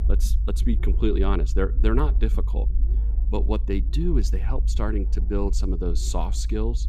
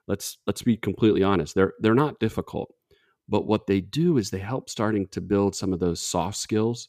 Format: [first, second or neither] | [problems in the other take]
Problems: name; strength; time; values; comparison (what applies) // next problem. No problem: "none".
second | low rumble; noticeable; throughout; 15 dB below the speech